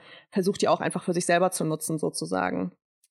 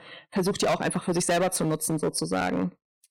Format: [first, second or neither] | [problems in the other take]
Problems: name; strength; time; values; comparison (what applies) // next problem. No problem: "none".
first | distortion; heavy; 12% of the sound clipped